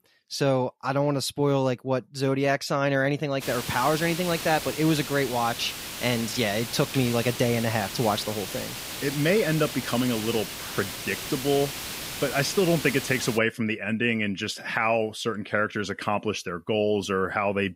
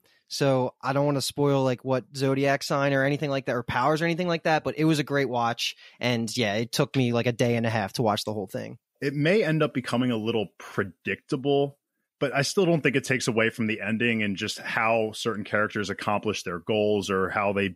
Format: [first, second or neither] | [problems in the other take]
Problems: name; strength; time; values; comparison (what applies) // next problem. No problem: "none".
second | hiss; loud; from 3.5 to 13 s; 7 dB below the speech